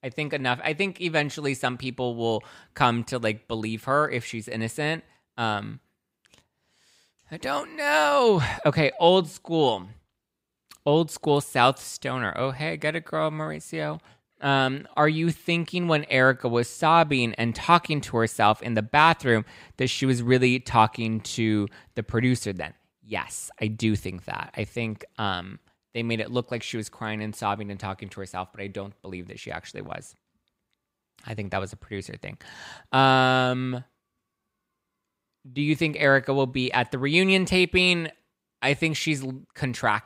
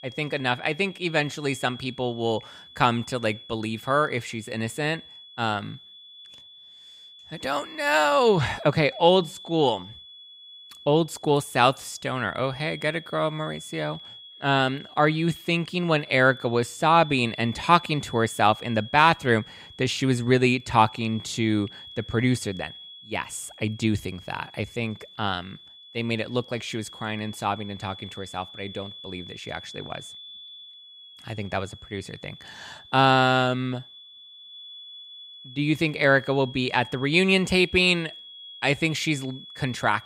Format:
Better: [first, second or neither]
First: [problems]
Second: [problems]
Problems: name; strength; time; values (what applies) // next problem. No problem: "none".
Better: first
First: none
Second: high-pitched whine; noticeable; throughout; 3.5 kHz, 20 dB below the speech